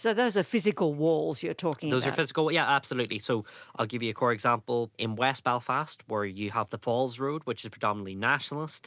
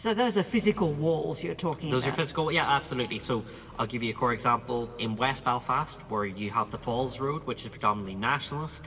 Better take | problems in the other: first | background sound (Accelerating, revving, vroom); 19 dB below the speech // room echo; dies away in 1.5 s

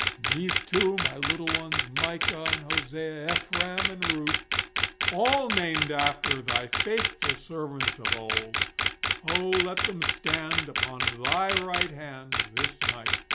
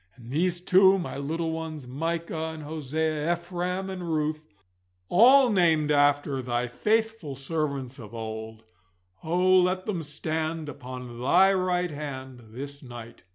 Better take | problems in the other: second | background sound (Camera); 3 dB above the speech

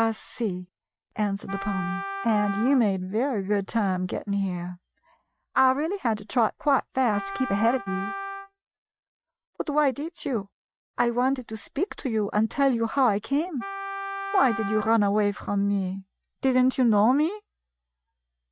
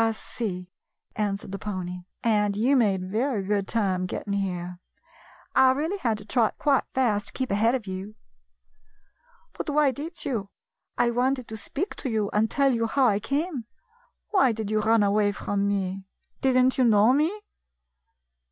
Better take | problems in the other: second | noise reduction (neural mask model RNNoise)

